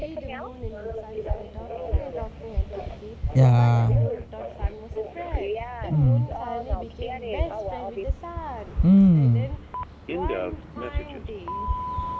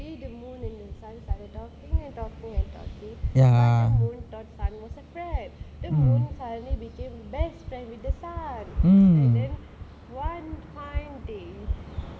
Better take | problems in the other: second | background sound (Telephone); 10 dB below the speech

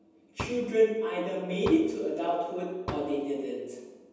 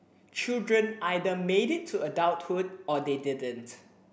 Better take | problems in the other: second | background sound (Fireworks); 13 dB below the speech // room echo; dies away in 1.1 s

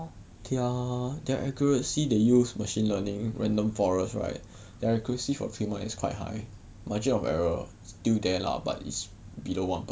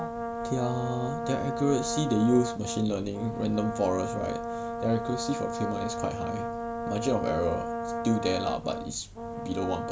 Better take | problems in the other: first | background sound (Brass instrument); 4 dB below the speech

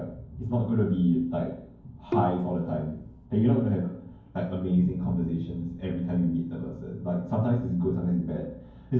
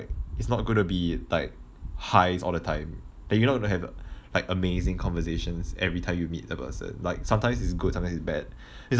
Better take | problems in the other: second | background sound (Bowed string instrument); 8 dB below the speech // room echo; dies away in 0.9 s

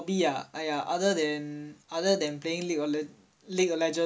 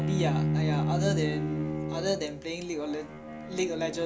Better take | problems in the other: first | background sound (Bowed string instrument); 2 dB above the speech

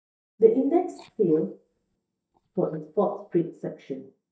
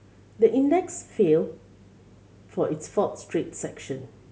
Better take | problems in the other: second | noise reduction (neural mask model DeepFilterNet 3)

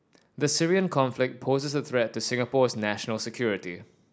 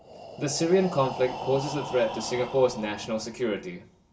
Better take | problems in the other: first | background sound (Breathing); 11 dB below the speech // room echo; dies away in 0.2 s

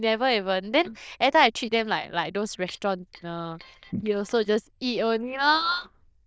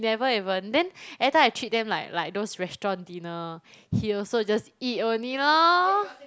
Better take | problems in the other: second | noise reduction (neural diffusion model UNIVERSE++)

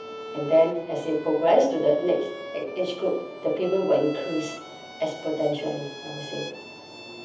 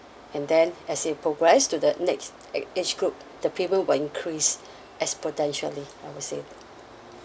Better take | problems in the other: second | background sound (Bowed string instrument); 15 dB below the speech // room echo; dies away in 0.8 s

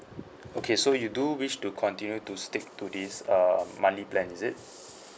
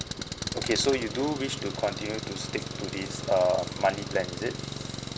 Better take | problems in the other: first | background sound (Engine); 6 dB below the speech

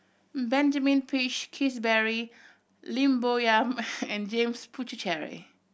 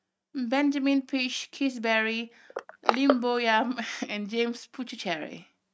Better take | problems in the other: first | noise reduction (neural mask model RNNoise)

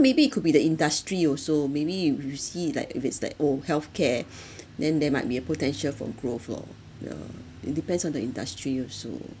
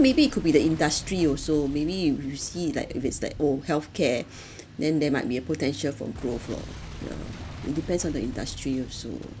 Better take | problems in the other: first | background sound (Boom); 14 dB below the speech

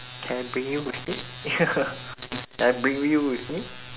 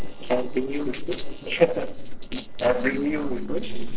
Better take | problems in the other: first | noise reduction (neural separator model SepFormer DNS4)

